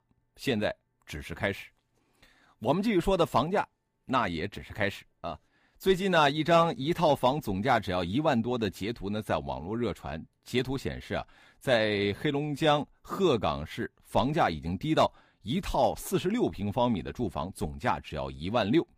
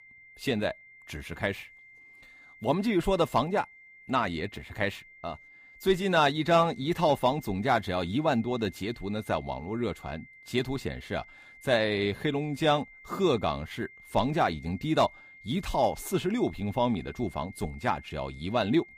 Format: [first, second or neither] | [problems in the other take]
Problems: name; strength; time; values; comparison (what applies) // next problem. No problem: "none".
first | high-pitched whine; faint; throughout; 2 kHz, 20 dB below the speech